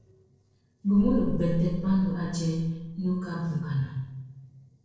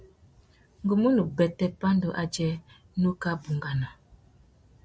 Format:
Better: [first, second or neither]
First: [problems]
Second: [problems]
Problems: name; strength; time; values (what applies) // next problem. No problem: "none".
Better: second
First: noise reduction (neural separator model SepFormer DNS4)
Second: none